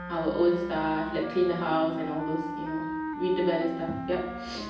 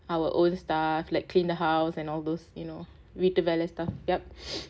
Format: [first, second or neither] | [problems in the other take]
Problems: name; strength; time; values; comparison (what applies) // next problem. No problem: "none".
second | background sound (Wind instrument, woodwind instrument); 8 dB below the speech // room echo; dies away in 0.9 s